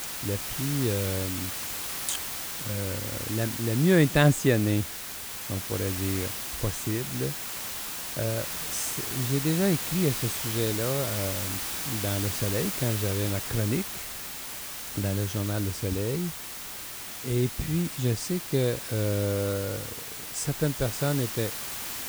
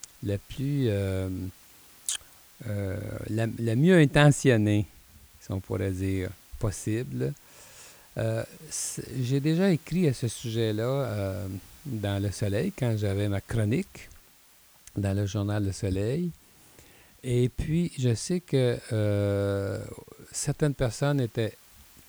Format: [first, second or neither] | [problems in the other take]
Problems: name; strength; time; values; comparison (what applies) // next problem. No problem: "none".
second | hiss; loud; throughout; 3 dB below the speech; faint in the second